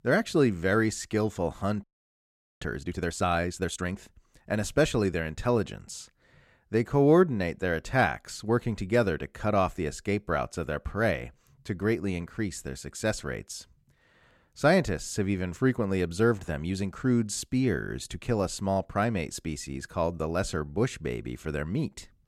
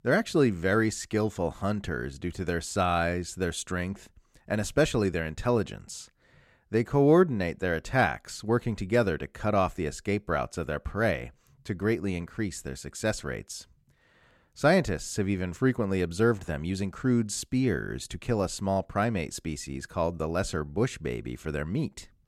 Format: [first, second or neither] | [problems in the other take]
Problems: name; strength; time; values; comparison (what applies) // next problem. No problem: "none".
second | audio freezing; at 2 s for 1 s